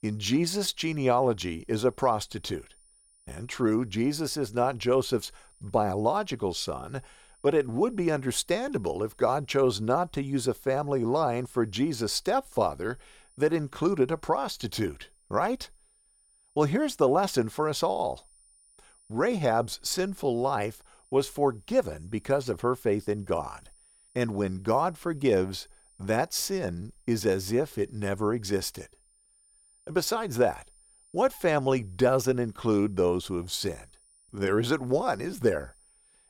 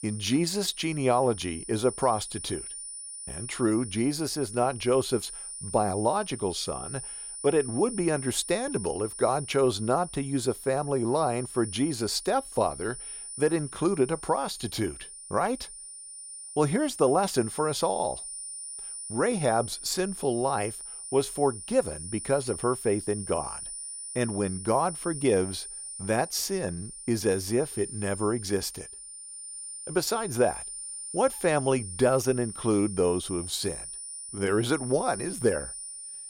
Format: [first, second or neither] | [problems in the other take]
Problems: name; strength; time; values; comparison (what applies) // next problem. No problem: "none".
first | high-pitched whine; loud; throughout; 9.5 kHz, 9 dB below the speech; faint in the first